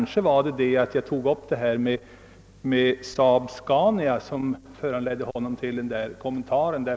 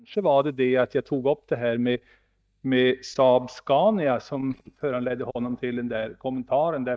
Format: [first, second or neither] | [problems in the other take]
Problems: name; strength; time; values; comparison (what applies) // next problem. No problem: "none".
first | noise reduction (neural mask model DeepFilterNet 3)